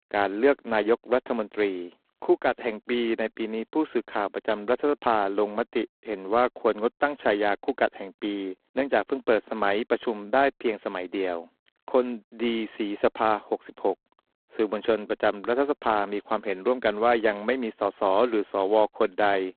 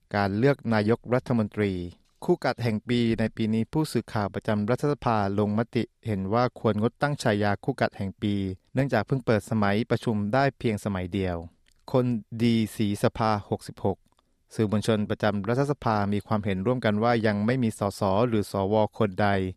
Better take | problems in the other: second | phone-call audio; poor line; nothing above 4 kHz

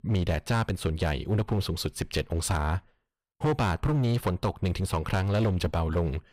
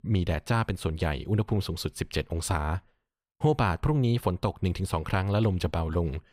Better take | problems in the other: second | distortion; slight; 9% of the sound clipped

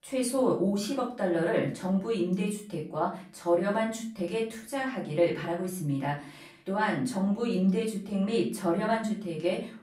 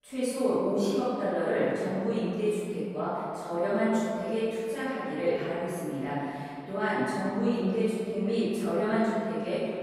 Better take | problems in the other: first | room echo; strong; dies away in 2.4 s; slight in the first // off-mic speech; far; far in the first

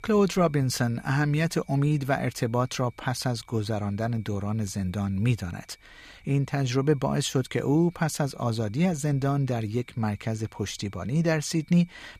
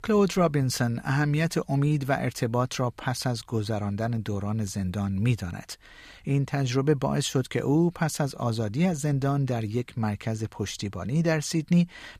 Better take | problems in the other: second | high-pitched whine; faint; throughout; 2.5 kHz, 35 dB below the speech

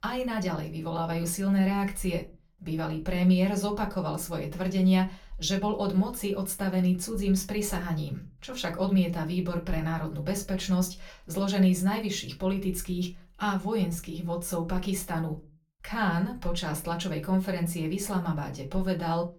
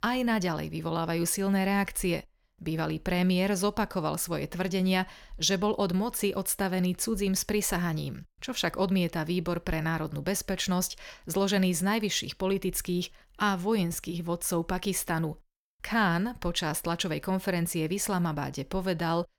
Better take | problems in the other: second | off-mic speech; far // room echo; very slight; dies away in 0.2 s

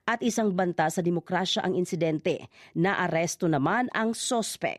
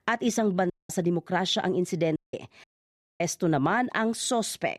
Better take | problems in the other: first | audio cutting out; at 0.5 s, at 2 s and at 2.5 s for 0.5 s

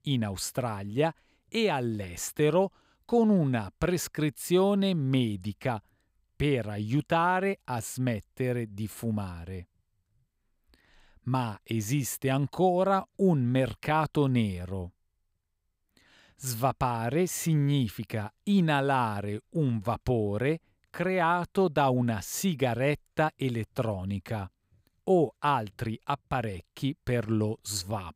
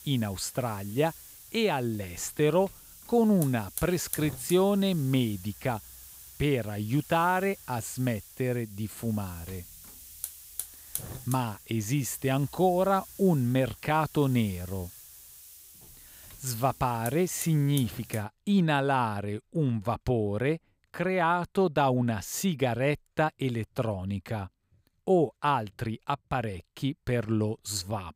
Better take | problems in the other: first | hiss; noticeable; until 18 s; 15 dB below the speech

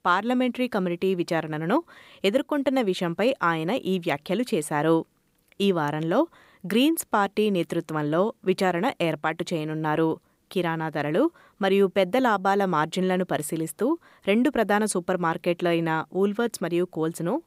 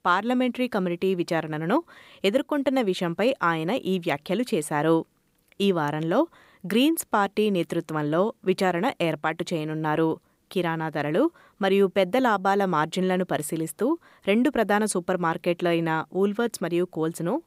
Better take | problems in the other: neither | none

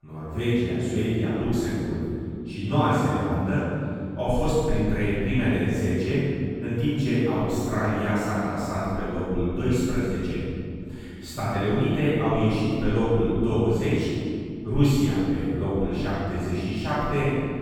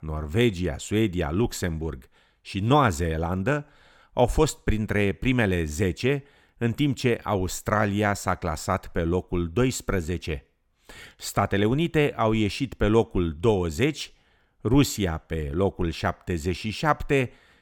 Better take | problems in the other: second | off-mic speech; far // room echo; strong; dies away in 3 s

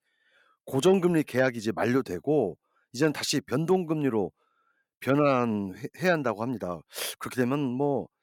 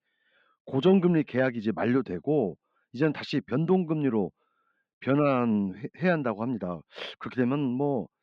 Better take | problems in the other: first | muffled; slightly; fading above 3.5 kHz

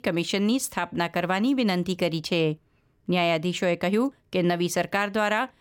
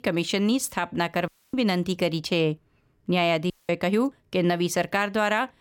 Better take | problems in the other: first | audio cutting out; at 1.5 s and at 3.5 s

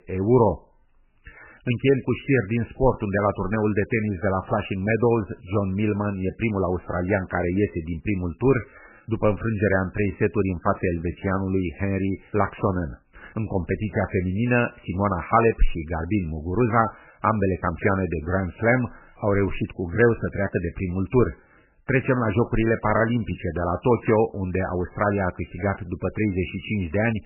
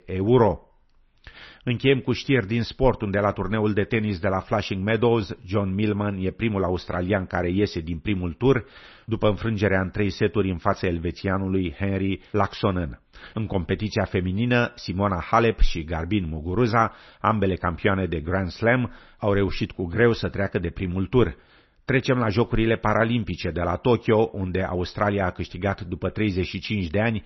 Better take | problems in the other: second | garbled, watery; badly; nothing above 3 kHz; slightly in the second

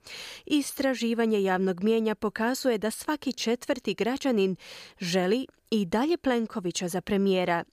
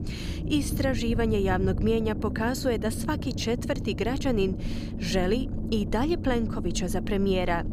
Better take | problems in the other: first | low rumble; noticeable; throughout; 10 dB below the speech

